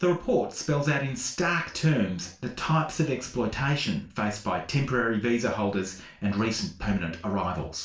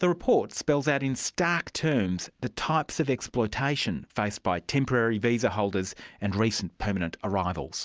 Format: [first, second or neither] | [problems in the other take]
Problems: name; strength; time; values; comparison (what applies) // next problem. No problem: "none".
second | room echo; dies away in 0.3 s